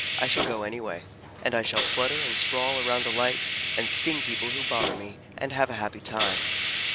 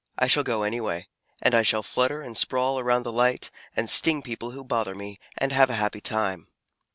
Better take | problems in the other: second | background sound (Hiss); 1 dB above the speech

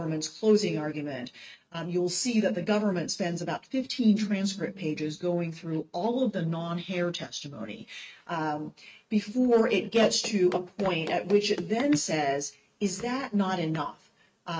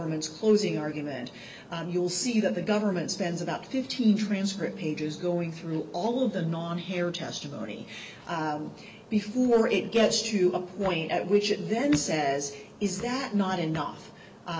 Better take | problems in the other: second | noise reduction (neural mask model RNNoise)

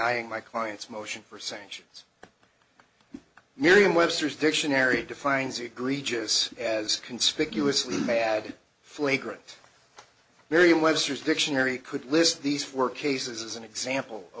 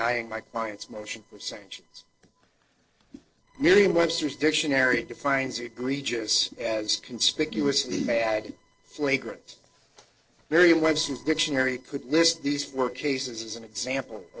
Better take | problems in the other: first | noise reduction (neural separator model SepFormer DNS4)

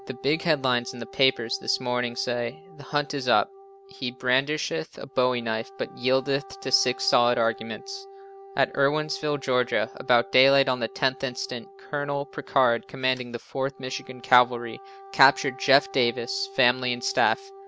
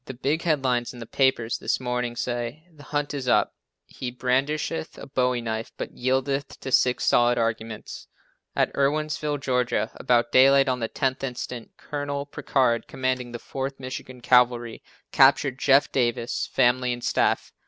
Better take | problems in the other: second | background sound (Wind instrument, woodwind instrument); 20 dB below the speech

